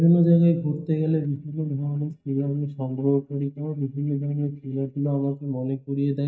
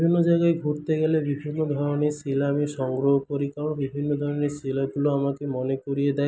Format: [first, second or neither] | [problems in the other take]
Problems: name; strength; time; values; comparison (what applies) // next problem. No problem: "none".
second | noise reduction (neural mask model DeepFilterNet 3)